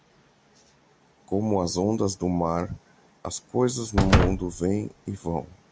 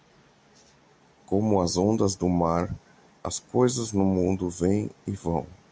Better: second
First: background sound (Slam); 2 dB above the speech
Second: none

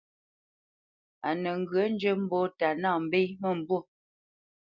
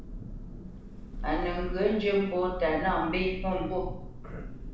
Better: first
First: none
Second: background sound (Thunder); 7 dB below the speech // room echo; dies away in 0.7 s

